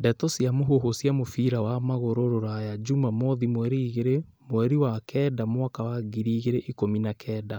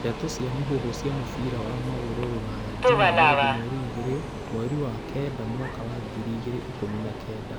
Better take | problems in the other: first | background sound (Subway, metro, underground); 3 dB above the speech

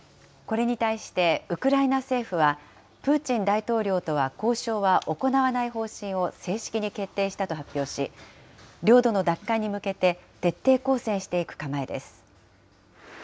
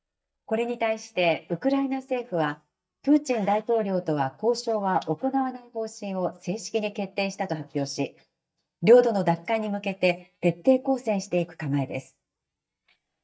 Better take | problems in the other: first | noise reduction (neural mask model DeepFilterNet 3)

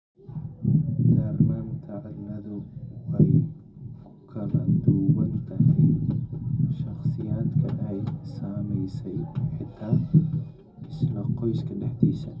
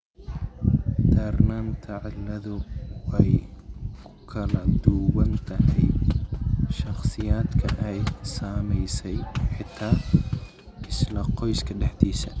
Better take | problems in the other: second | room echo; dies away in 0.4 s

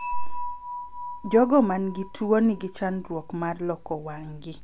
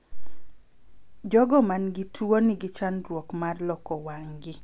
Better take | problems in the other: second | background sound (Dishes, pots, and pans / Chink, clink); 14 dB below the speech

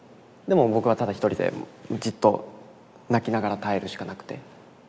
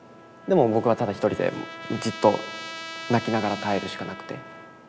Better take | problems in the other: first | background sound (Trumpet); 13 dB below the speech

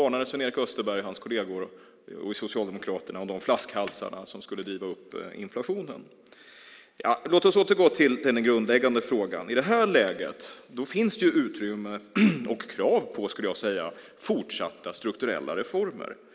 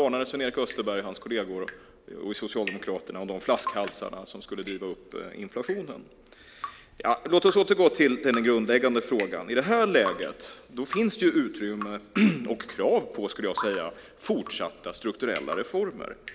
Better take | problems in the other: first | background sound (Drip); 15 dB below the speech

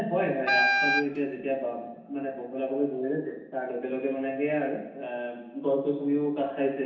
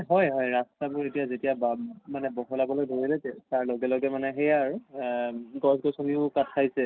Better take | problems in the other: second | background sound (Wind instrument, woodwind instrument); 3 dB above the speech // room echo; dies away in 0.9 s

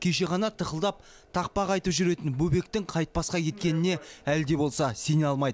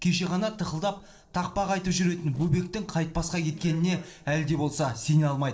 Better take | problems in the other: first | noise reduction (neural separator model SepFormer DNS4)

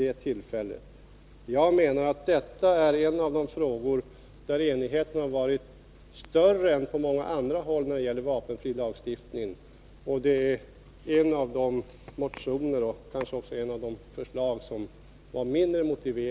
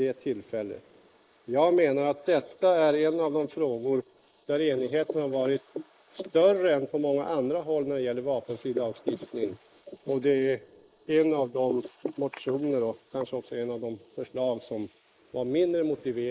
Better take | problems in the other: first | noise reduction (neural mask model Resemble Enhance denoiser)

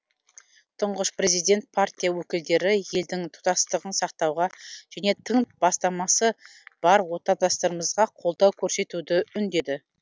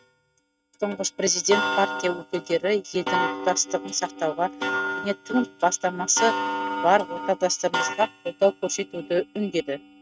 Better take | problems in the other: first | noise reduction (neural mask model RNNoise)

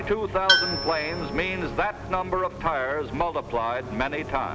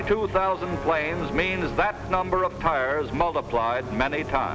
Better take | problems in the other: second | background sound (Tools); 3 dB below the speech

